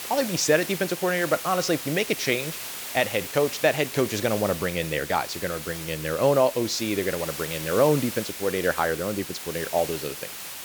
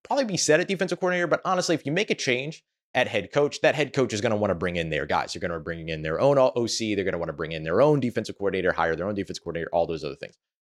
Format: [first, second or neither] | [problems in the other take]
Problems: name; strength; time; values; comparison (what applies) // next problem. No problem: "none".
second | hiss; loud; throughout; 8 dB below the speech